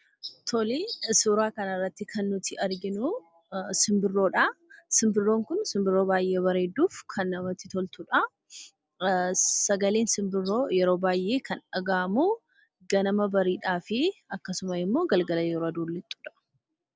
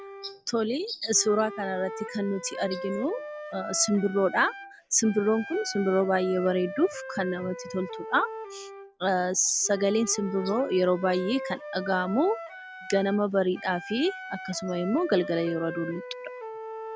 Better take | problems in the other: first | background sound (Wind instrument, woodwind instrument); 12 dB below the speech

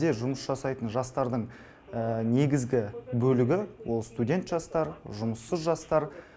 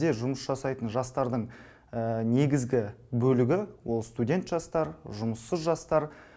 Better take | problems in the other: second | background sound (Subway, metro, underground); 19 dB below the speech

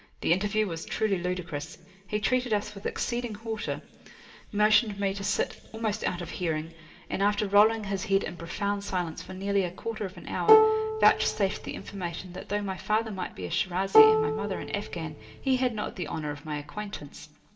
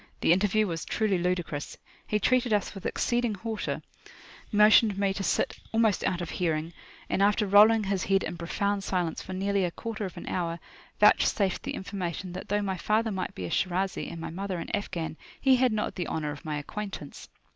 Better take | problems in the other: second | background sound (Plucked string instrument); 4 dB above the speech // room echo; dies away in 2.8 s

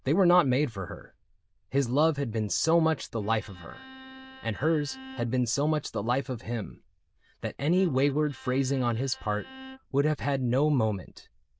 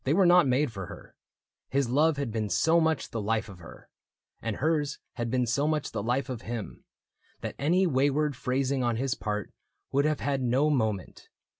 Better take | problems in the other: second | noise reduction (neural diffusion model UNIVERSE++)

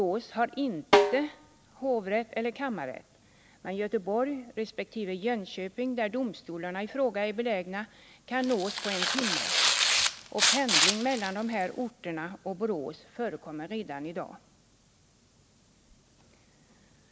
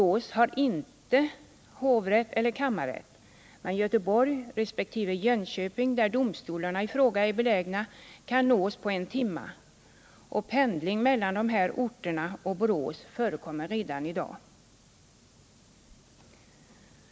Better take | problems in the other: second | background sound (Snare drum + Tearing); 5 dB above the speech

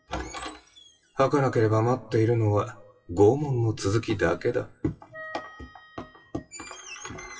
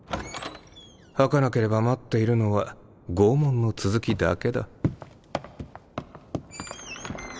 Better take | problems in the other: second | noise reduction (classical method WPE with log-MMSE)

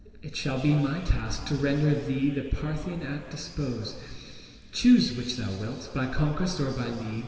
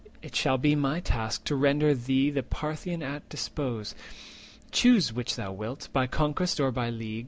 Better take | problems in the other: second | room echo; dies away in 2.5 s

